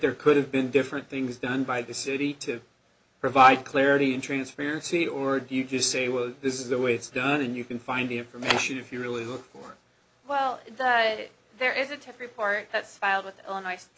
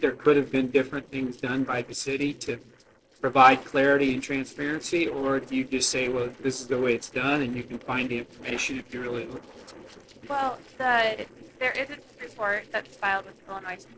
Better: first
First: none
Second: noise reduction (neural separator model SepFormer DNS4)

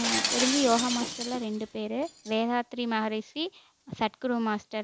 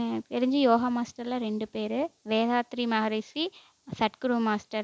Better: second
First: background sound (Shatter); 5 dB below the speech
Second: none

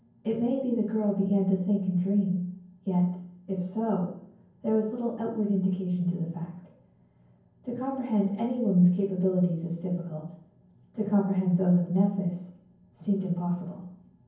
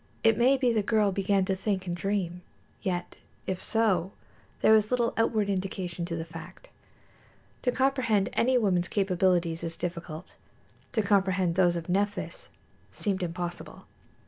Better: second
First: room echo; dies away in 0.9 s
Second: none

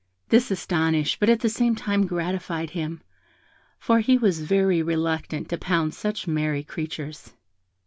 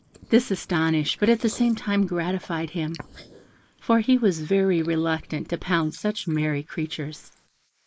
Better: first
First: none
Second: noise reduction (neural mask model Resemble Enhance denoiser)

